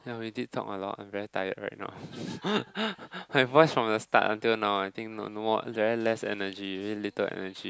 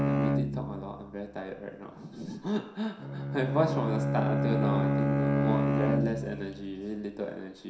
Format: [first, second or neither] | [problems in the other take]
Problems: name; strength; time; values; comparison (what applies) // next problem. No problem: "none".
first | background sound (Bowed string instrument); 4 dB above the speech // room echo; dies away in 0.7 s